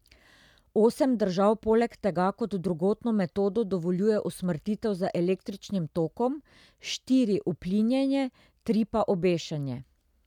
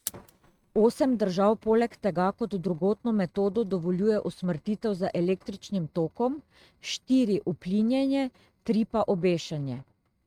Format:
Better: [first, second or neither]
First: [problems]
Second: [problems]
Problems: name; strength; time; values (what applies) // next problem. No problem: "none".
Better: first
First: none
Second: noise reduction (neural mask model RNNoise)